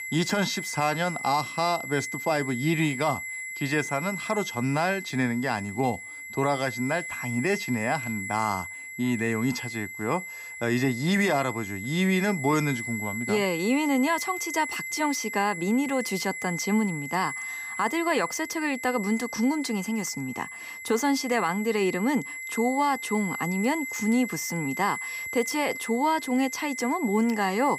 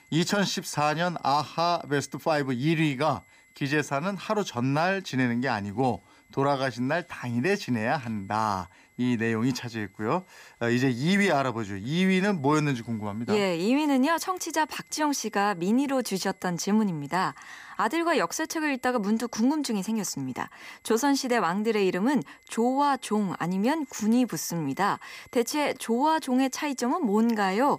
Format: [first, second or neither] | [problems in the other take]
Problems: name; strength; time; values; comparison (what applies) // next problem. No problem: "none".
second | high-pitched whine; loud; throughout; 2 kHz, 7 dB below the speech; faint in the second